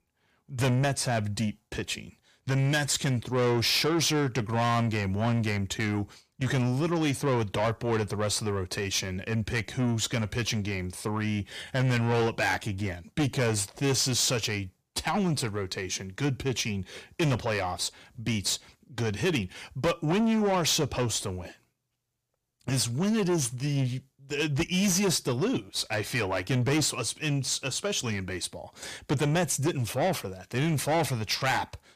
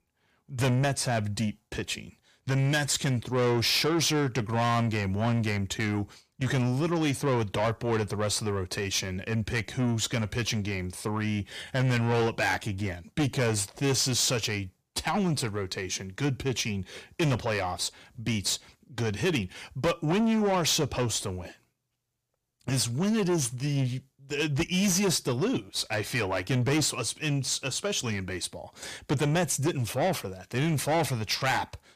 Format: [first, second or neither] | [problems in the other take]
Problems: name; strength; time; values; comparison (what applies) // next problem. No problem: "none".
neither | distortion; heavy; 7 dB below the speech; the same in both